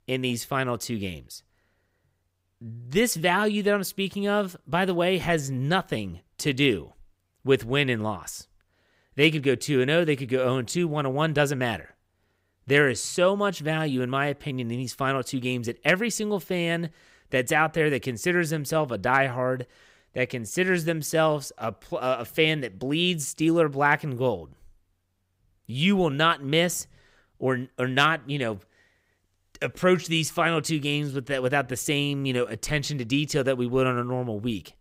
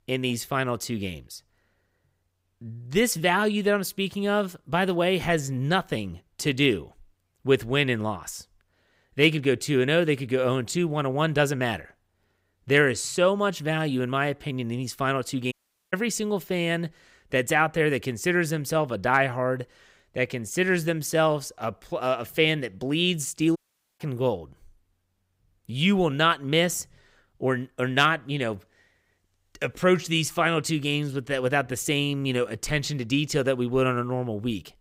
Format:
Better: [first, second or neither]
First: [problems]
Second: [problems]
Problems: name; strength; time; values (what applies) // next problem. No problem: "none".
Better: first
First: none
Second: audio cutting out; at 16 s and at 24 s